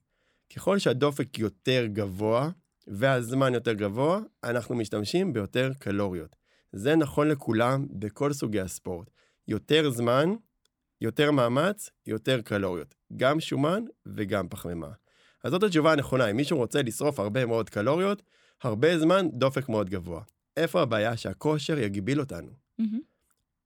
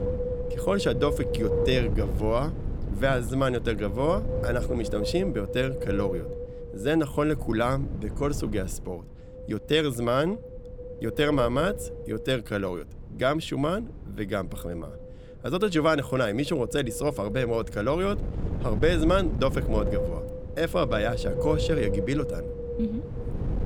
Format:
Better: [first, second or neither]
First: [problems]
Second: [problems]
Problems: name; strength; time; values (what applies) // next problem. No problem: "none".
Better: first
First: none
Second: wind noise on the microphone; heavy; 7 dB below the speech